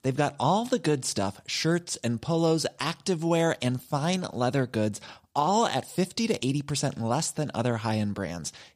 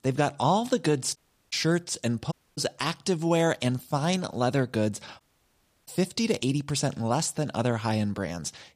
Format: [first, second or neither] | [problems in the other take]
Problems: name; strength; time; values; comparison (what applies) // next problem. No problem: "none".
first | audio cutting out; at 1 s, at 2.5 s and at 5 s for 0.5 s